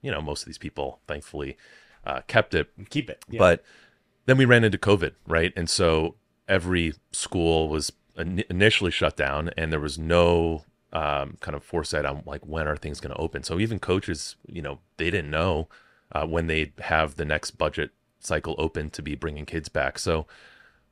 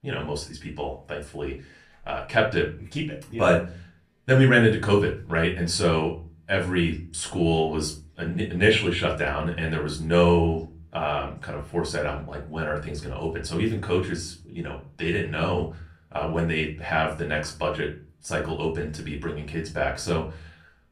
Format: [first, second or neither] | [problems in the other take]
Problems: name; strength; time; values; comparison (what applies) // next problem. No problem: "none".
first | off-mic speech; far // room echo; slight; dies away in 0.3 s